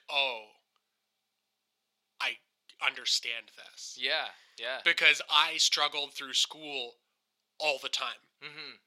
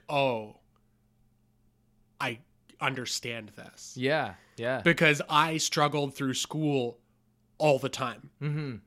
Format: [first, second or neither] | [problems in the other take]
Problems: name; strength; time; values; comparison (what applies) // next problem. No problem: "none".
second | thin; very; fading below 700 Hz